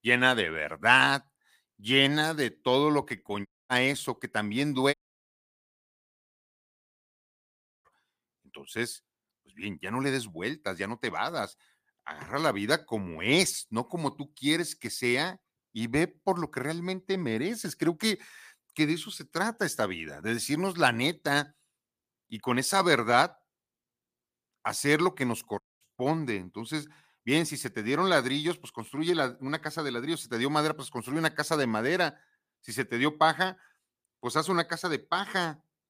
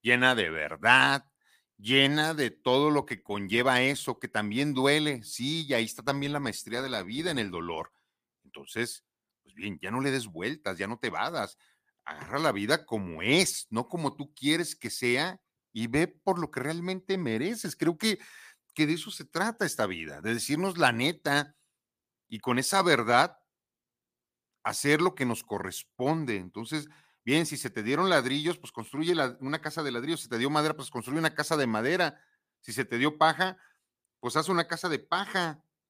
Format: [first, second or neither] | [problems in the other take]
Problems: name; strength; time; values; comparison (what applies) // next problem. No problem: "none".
second | audio cutting out; at 3.5 s, at 5 s for 3 s and at 26 s